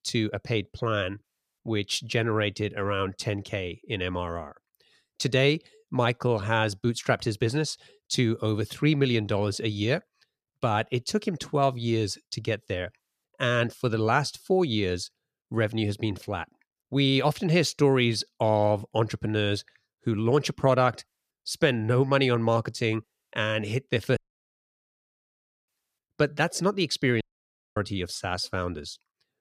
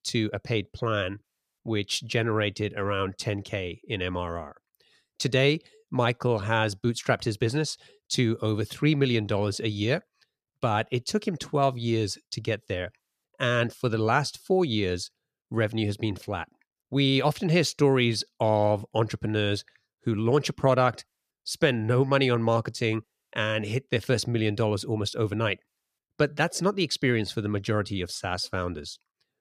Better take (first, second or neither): second